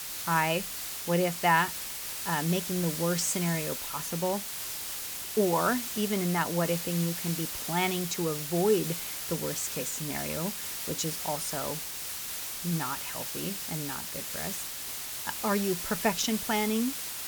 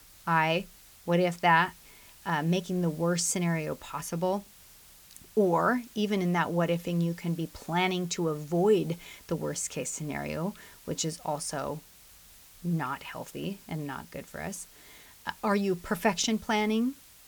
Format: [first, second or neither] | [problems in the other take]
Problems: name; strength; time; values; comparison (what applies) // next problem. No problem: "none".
second | hiss; loud; throughout; 3 dB below the speech; faint in the second